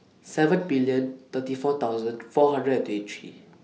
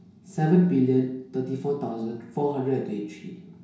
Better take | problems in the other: first | room echo; dies away in 0.6 s

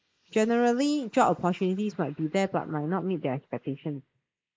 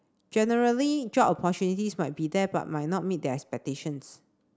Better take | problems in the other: second | noise reduction (neural mask model Resemble Enhance denoiser)

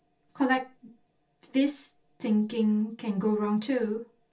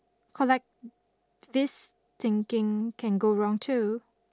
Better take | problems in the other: second | room echo; dies away in 0.2 s

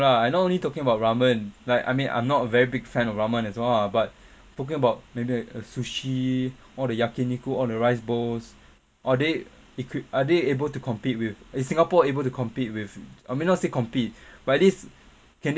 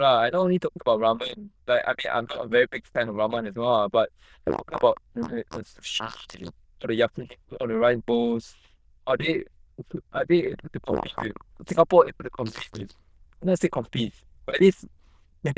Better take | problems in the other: first | noise reduction (neural diffusion model UNIVERSE++)

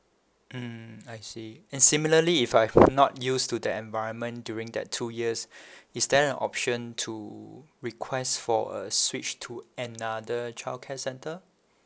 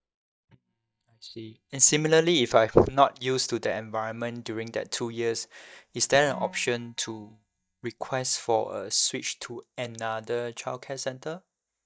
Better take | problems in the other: first | noise reduction (neural mask model DeepFilterNet 3)

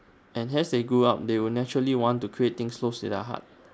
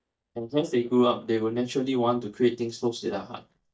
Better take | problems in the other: first | noise reduction (neural mask model DeepFilterNet 3)

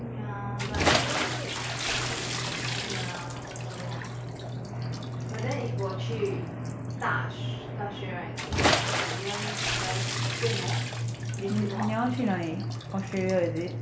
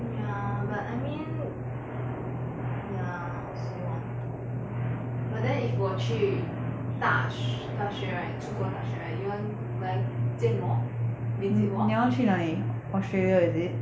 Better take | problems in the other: second | background sound (Bathtub (filling or washing) / Splash, splatter); 2 dB below the speech

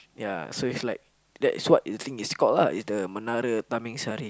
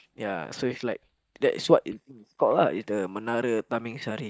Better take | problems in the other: first | noise reduction (neural mask model DeepFilterNet 3)

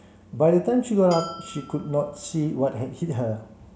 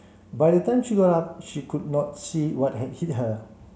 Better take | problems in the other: second | background sound (Bell); 17 dB below the speech

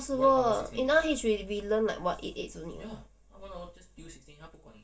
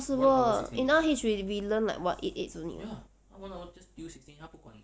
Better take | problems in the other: second | room echo; dies away in 0.1 s

